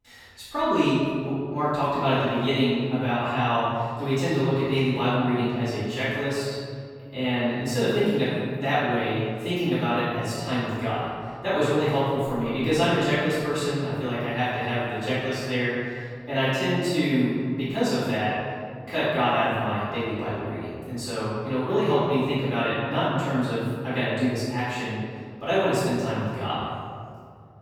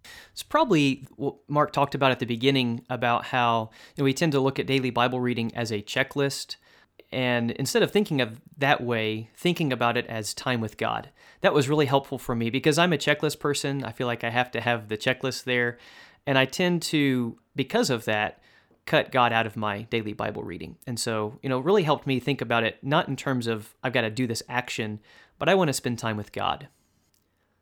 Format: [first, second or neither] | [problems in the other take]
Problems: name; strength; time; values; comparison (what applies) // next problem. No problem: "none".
second | off-mic speech; far // room echo; strong; dies away in 2.2 s